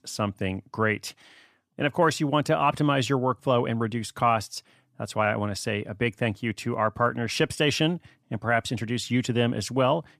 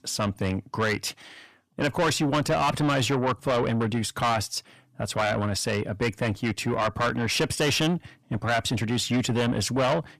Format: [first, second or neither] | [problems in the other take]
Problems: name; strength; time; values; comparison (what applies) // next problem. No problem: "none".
first | distortion; heavy; 6 dB below the speech